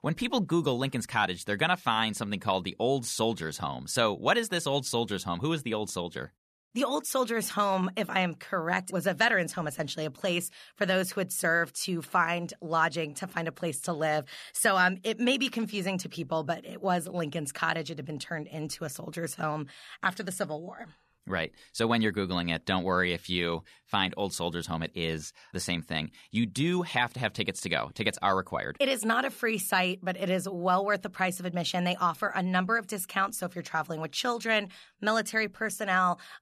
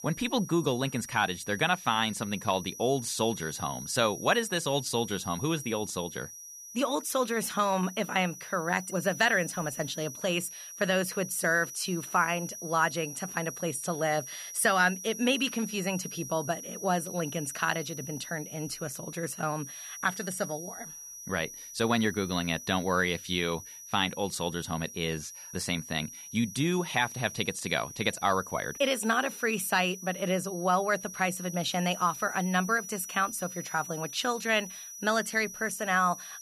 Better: first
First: none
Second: high-pitched whine; noticeable; throughout; 6 kHz, 10 dB below the speech

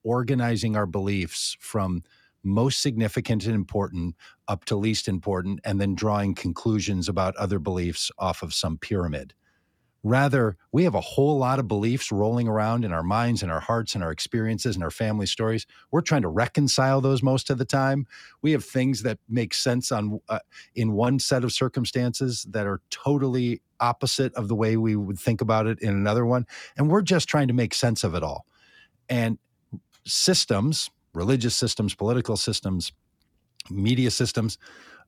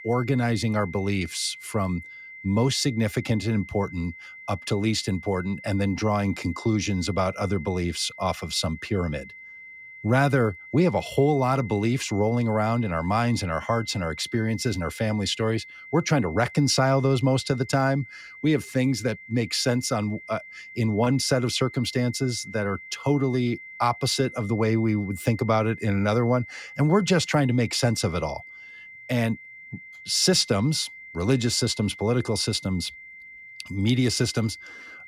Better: first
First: none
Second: high-pitched whine; noticeable; throughout; 2 kHz, 15 dB below the speech

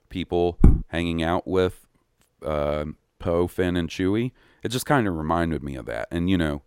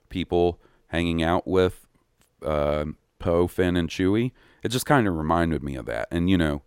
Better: second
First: footsteps; loud; at 0.5 s; peak 5 dB above the speech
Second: none

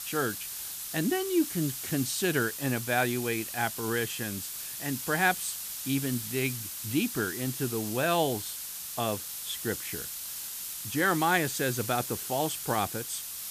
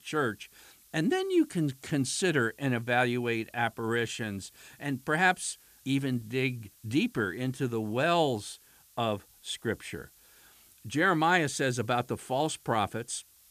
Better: second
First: hiss; loud; throughout; 5 dB below the speech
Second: hiss; faint; throughout; 25 dB below the speech

